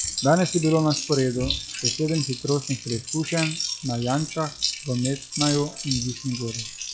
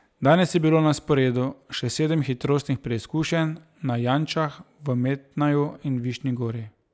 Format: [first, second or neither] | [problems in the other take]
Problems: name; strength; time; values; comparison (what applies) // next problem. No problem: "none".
second | noise reduction (classical method log-MMSE)